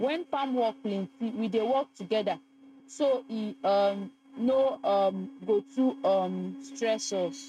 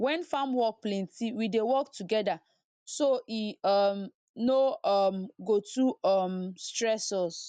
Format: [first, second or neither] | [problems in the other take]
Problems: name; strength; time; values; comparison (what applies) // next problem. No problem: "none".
second | noise reduction (neural mask model RNNoise)